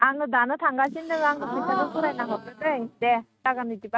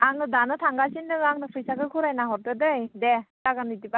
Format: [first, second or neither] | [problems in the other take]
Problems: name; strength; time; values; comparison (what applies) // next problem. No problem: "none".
second | noise reduction (neural mask model RNNoise)